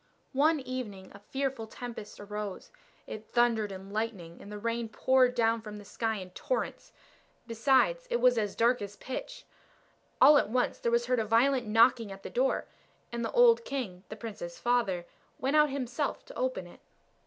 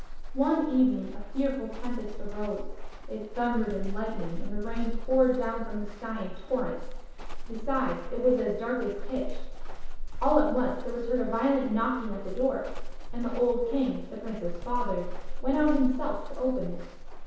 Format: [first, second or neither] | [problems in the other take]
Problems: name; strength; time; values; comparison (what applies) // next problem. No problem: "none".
first | background sound (Walk, footsteps); 2 dB below the speech // room echo; dies away in 0.8 s